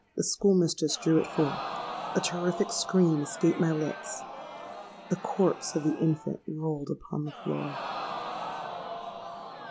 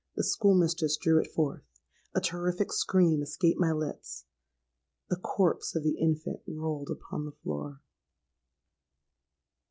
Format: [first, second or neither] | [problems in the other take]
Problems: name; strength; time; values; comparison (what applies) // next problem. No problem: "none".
second | background sound (Crowd); 10 dB below the speech